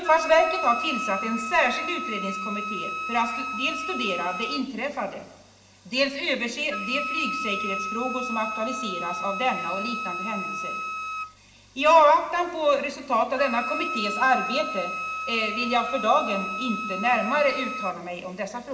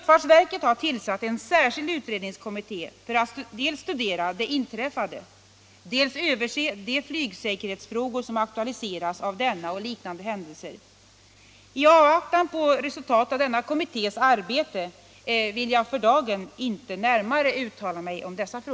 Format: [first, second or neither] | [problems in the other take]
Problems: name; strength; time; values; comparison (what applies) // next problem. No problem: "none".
second | background sound (Wind instrument, woodwind instrument); 6 dB below the speech // room echo; dies away in 1.7 s